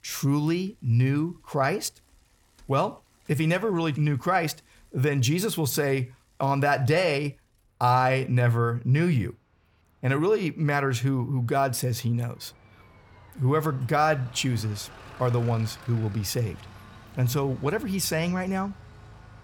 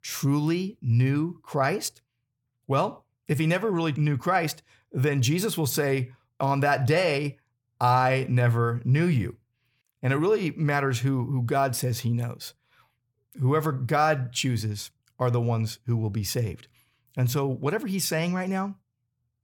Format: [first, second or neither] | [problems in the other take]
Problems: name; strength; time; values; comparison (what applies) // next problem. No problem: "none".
second | traffic noise; faint; throughout; 25 dB below the speech